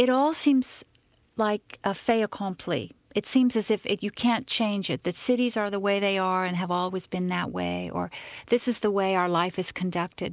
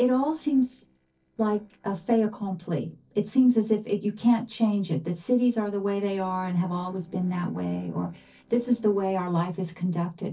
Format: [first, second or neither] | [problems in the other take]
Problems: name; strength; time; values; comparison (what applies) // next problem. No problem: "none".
first | noise reduction (neural separator model SepFormer DNS4)